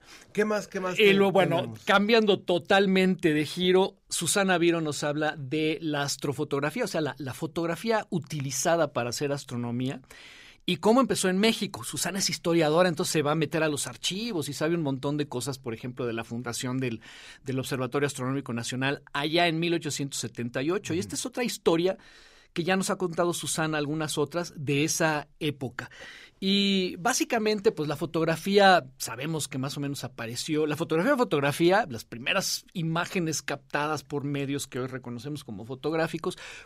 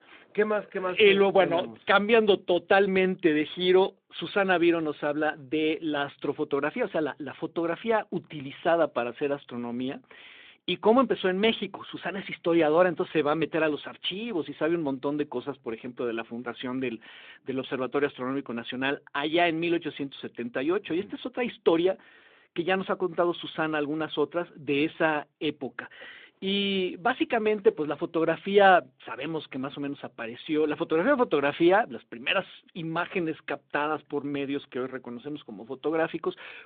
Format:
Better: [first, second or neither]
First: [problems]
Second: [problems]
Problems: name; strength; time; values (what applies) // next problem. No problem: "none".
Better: first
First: none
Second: phone-call audio; nothing above 3.5 kHz